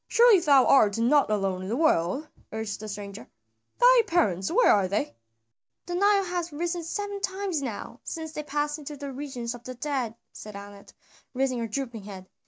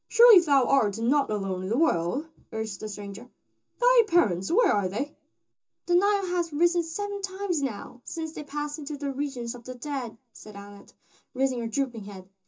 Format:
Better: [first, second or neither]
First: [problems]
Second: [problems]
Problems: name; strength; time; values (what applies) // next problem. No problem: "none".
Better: first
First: none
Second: room echo; dies away in 0.2 s